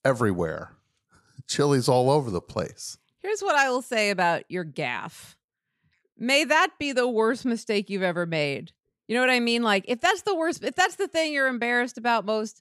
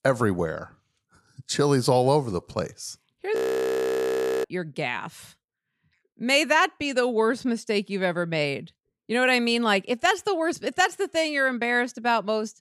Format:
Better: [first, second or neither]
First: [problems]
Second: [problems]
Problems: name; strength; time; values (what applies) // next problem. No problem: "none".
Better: first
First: none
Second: audio freezing; at 3.5 s for 1 s